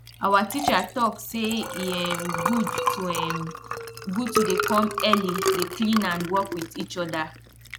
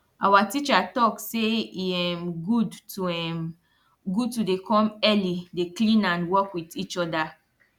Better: second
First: background sound (Liquid); 3 dB below the speech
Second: none

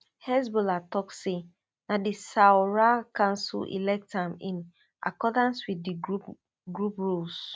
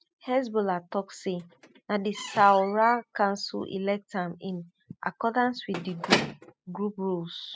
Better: first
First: none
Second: noise reduction (classical method spectral subtraction)

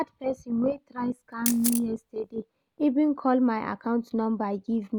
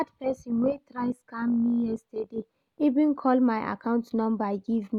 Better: second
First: background sound (Camera); 7 dB below the speech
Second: none

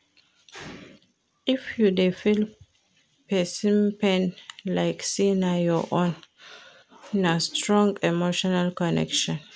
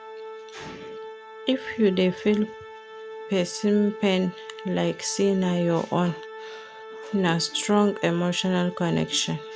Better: first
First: none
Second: background sound (Organ); 14 dB below the speech

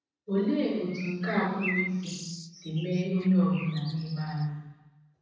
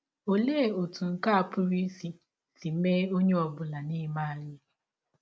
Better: second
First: background sound (Bird); 11 dB below the speech // room echo; dies away in 1.1 s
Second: none

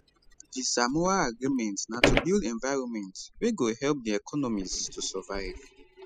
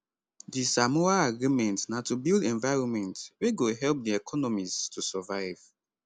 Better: second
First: noise reduction (classical method spectral subtraction)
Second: none

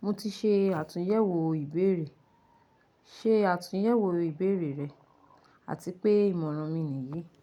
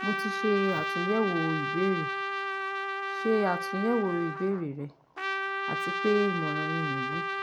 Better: first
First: none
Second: background sound (Trumpet); 2 dB below the speech

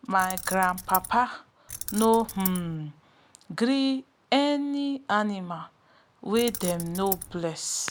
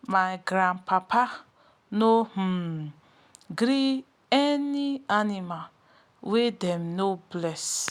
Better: second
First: background sound (Keys jangling); 8 dB below the speech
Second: none

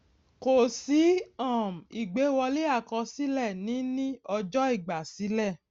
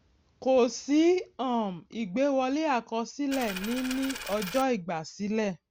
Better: first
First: none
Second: background sound (Coin (dropping)); 10 dB below the speech

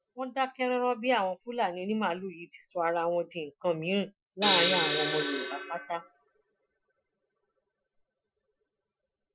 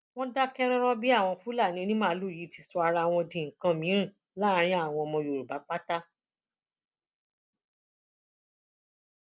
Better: second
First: noise reduction (classical method Wiener filter)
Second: none

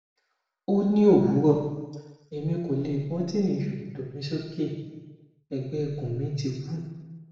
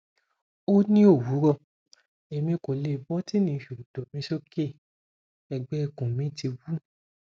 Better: second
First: room echo; dies away in 1.1 s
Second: none

